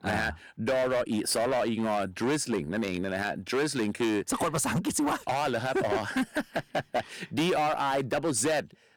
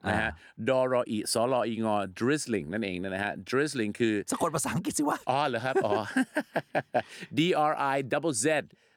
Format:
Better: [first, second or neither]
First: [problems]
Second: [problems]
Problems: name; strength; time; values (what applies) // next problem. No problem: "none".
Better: second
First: distortion; heavy; 15% of the sound clipped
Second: none